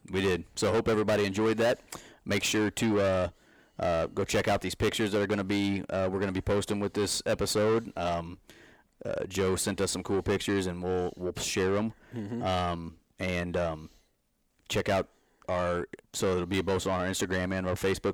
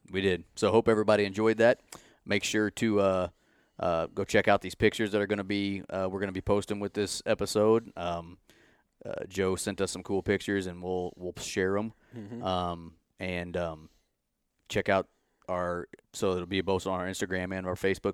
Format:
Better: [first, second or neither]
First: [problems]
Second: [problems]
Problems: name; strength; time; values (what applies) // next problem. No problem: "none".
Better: second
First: distortion; heavy; 7 dB below the speech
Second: none